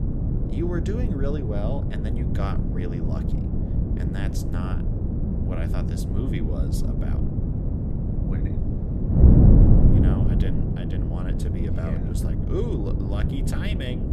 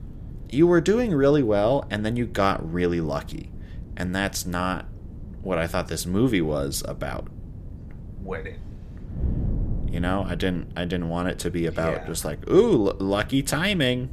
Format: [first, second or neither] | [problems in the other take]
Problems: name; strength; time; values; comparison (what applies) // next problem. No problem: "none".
second | wind noise on the microphone; heavy; 3 dB above the speech; occasional gusts in the second